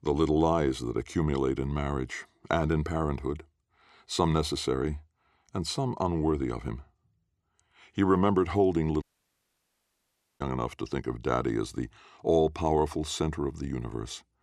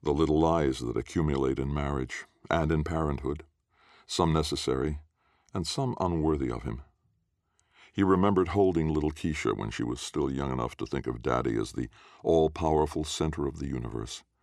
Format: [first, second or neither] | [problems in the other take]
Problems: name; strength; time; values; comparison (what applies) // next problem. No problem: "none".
second | audio cutting out; at 9 s for 1.5 s